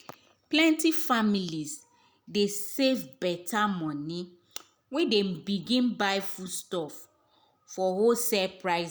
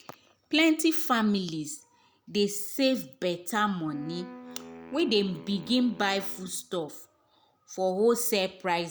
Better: first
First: none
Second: background sound (Wind instrument, woodwind instrument); 18 dB below the speech

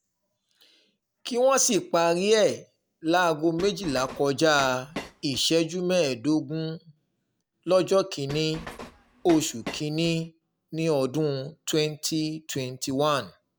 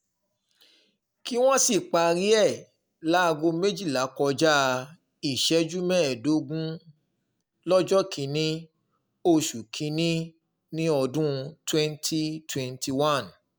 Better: second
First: background sound (Train); 15 dB below the speech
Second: none

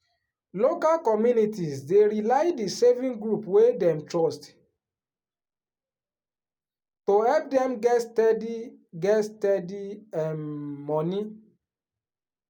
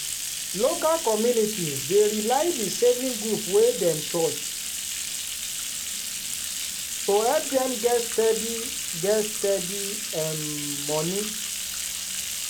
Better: first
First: none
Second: background sound (Bathtub (filling or washing)); 4 dB below the speech

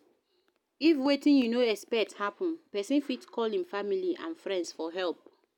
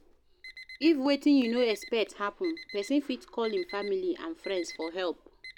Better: first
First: none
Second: background sound (Alarm); 19 dB below the speech

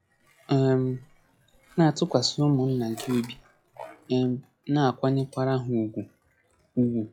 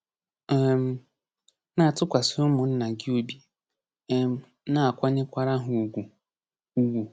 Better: second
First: noise reduction (classical method log-MMSE)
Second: none

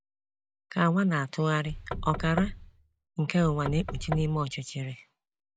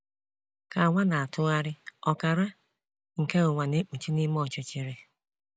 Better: second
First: background sound (Knock / Wood); 8 dB below the speech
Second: none

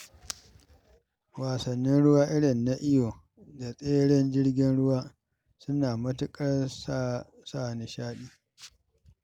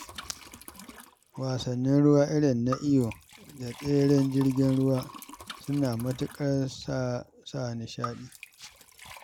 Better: first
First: none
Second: background sound (Liquid); 19 dB below the speech

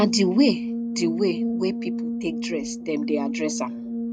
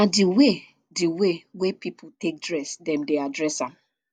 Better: second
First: background sound (Brass instrument); 3 dB below the speech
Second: none

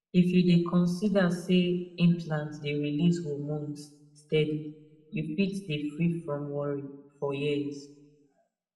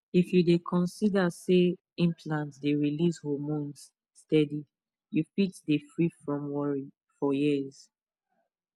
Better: second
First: room echo; dies away in 0.6 s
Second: none

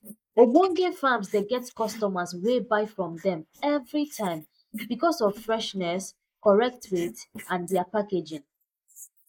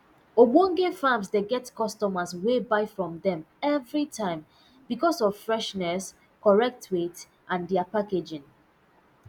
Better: second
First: noise reduction (neural mask model Resemble Enhance denoiser)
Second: none

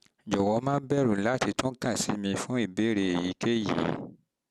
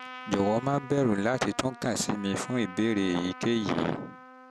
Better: first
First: none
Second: background sound (Trumpet); 16 dB below the speech

